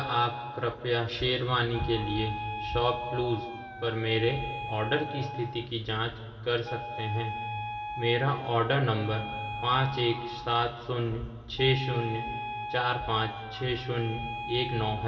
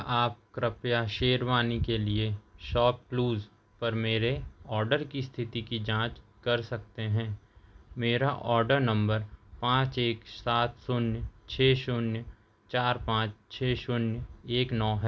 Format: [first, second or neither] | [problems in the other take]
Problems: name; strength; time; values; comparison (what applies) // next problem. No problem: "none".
second | background sound (Wind instrument, woodwind instrument); 9 dB below the speech // room echo; dies away in 2 s